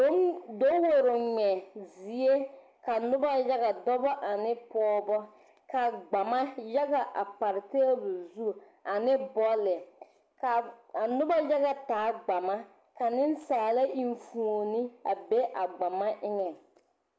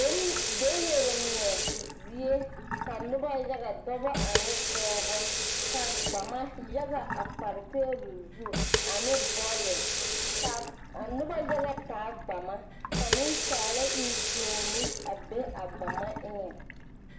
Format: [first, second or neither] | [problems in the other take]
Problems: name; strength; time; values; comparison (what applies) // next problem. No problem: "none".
first | background sound (Sink (filling or washing) / Water tap, faucet); 1 dB above the speech // room echo; dies away in 0.6 s